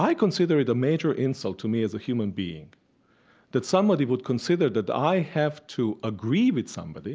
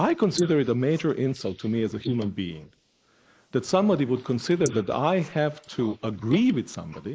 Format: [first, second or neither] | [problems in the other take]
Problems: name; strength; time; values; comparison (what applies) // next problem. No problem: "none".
first | noise reduction (neural mask model Resemble Enhance denoiser)